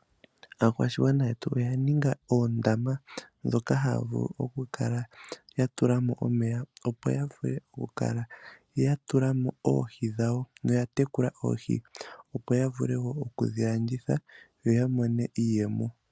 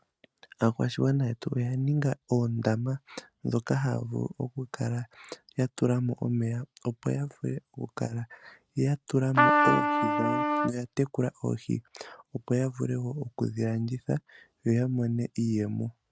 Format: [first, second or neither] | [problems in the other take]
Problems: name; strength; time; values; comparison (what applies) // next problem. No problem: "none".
first | noise reduction (neural mask model RNNoise)